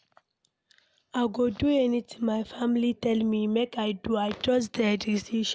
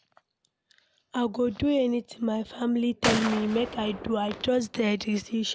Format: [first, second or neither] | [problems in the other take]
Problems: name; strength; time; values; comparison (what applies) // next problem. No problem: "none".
first | background sound (Gunshot, gunfire); 6 dB below the speech